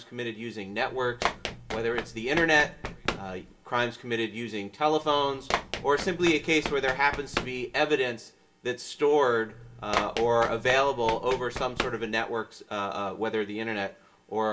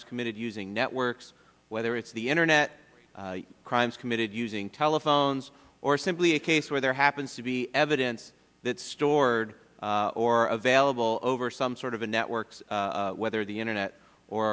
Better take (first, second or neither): second